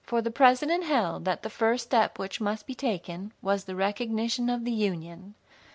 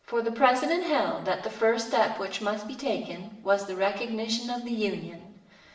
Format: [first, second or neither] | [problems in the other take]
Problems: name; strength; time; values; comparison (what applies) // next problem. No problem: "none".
first | room echo; dies away in 0.8 s